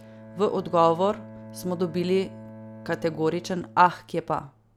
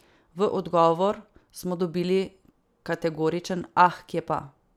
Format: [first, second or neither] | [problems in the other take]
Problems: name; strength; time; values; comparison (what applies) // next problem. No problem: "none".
second | background sound (Bowed string instrument); 18 dB below the speech